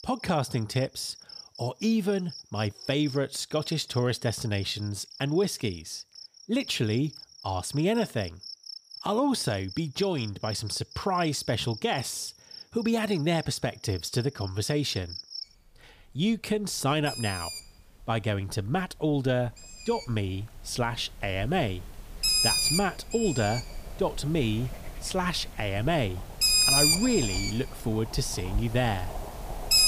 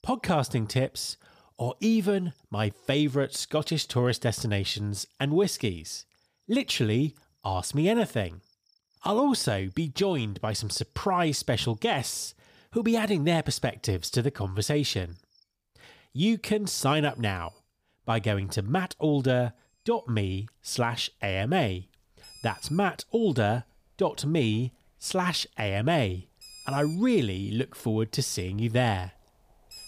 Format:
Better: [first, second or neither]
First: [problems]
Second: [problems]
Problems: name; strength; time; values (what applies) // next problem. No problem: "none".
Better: second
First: animal sounds; loud; throughout; as loud as the speech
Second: animal sounds; faint; throughout; 25 dB below the speech